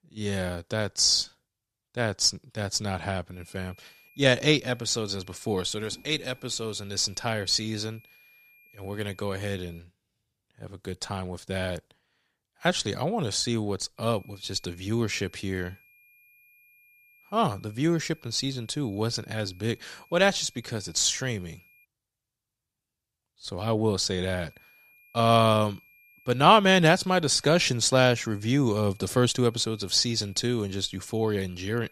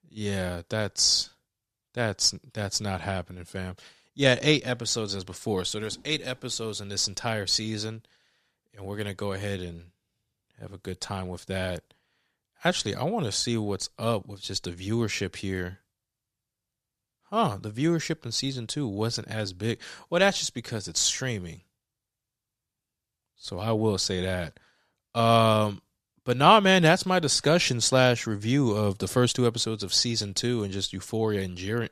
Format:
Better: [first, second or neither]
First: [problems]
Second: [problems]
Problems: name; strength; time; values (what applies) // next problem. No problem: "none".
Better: second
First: high-pitched whine; faint; from 3.5 to 10 s, from 14 to 22 s and from 24 s on; 2.5 kHz, 30 dB below the speech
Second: none